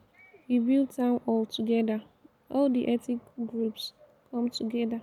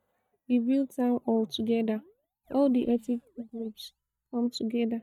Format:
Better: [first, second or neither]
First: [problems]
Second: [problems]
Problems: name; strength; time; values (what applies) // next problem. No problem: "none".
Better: first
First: none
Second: noise reduction (neural mask model DeepFilterNet 3)